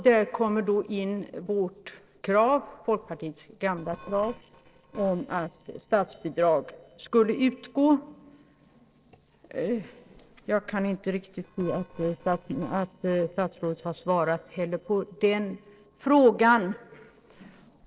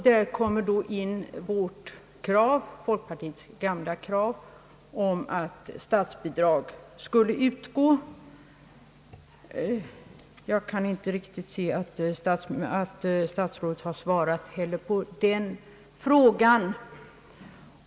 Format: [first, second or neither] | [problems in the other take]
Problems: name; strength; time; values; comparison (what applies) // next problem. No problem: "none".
second | noise reduction (neural separator model SepFormer DNS4)